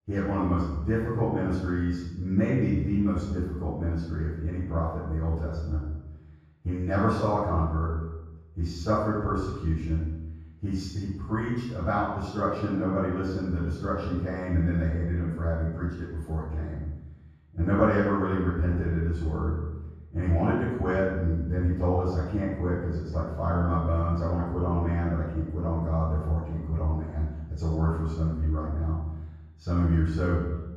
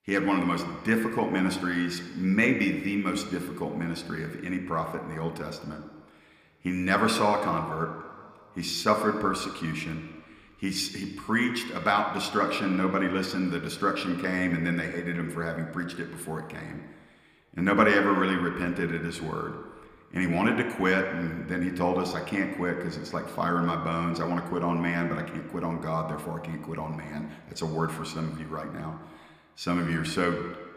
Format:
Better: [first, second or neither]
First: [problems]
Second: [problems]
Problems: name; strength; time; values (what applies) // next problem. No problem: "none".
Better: second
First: room echo; strong; dies away in 1.3 s // off-mic speech; far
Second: room echo; slight; dies away in 1.5 s